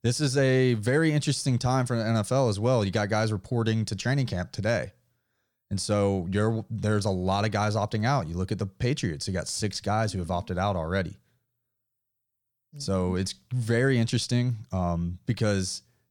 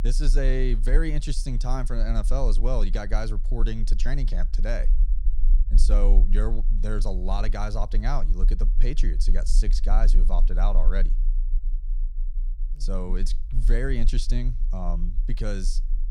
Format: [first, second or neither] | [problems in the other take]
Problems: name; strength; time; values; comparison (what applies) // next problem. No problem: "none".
first | low rumble; noticeable; throughout; 20 dB below the speech